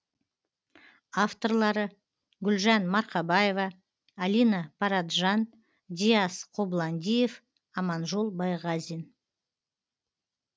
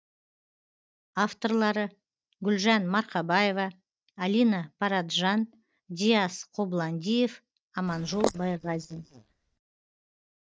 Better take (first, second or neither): first